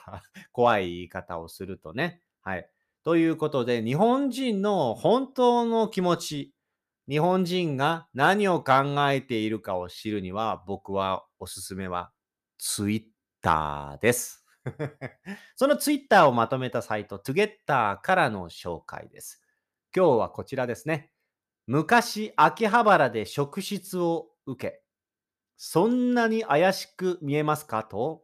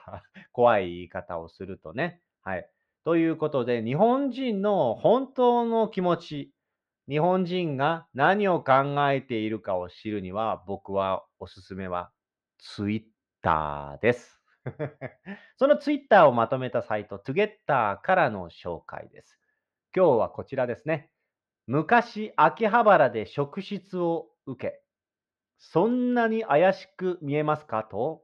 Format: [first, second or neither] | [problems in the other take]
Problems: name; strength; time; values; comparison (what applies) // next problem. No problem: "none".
first | muffled; slightly; fading above 3.5 kHz